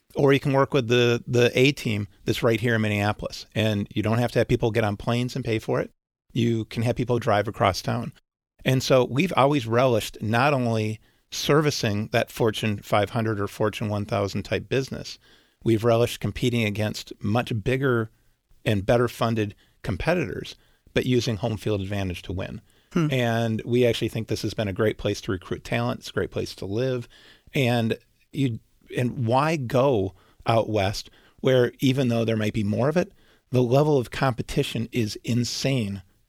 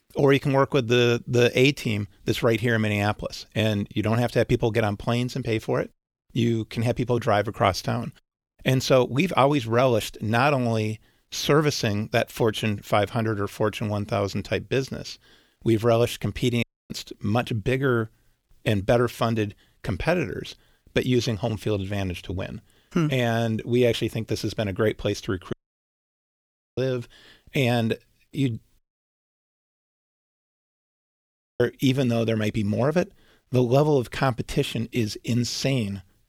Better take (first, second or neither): first